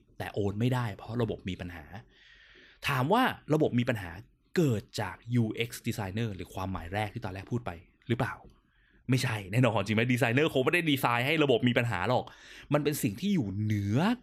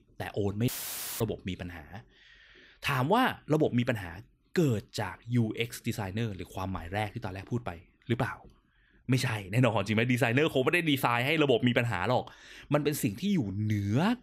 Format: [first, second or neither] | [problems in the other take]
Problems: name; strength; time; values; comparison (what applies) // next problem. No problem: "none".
first | audio cutting out; filled with static; at 0.5 s for 0.5 s